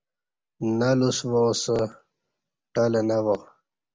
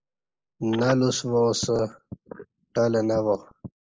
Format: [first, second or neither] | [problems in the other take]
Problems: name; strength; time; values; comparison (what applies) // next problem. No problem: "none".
first | noise reduction (neural mask model Resemble Enhance denoiser)